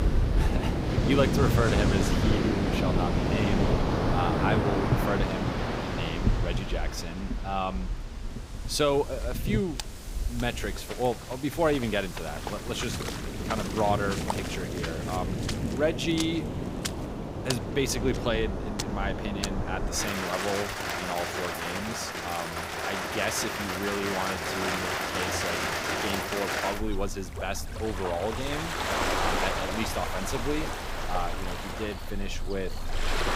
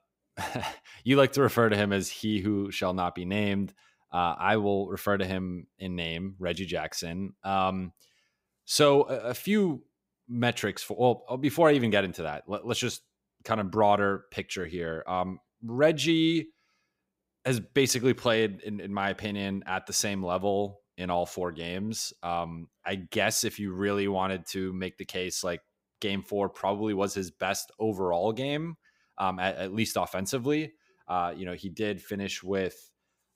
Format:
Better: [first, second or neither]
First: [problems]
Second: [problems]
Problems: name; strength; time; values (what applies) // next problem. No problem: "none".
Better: second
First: rain or running water; very loud; throughout; 1 dB above the speech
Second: none